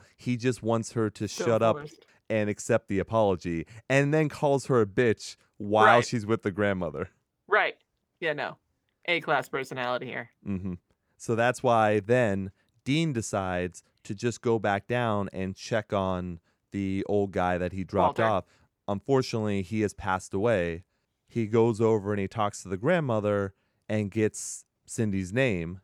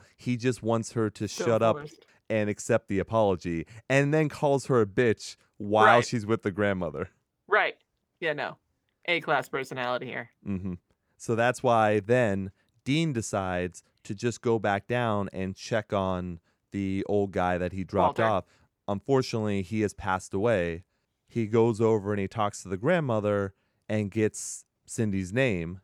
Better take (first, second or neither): neither